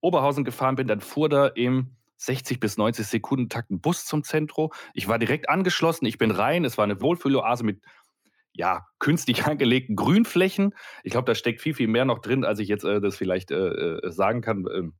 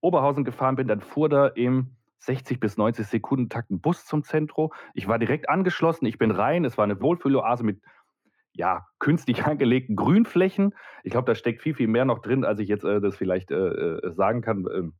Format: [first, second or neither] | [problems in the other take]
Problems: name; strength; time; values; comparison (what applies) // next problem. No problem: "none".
first | muffled; very; fading above 3 kHz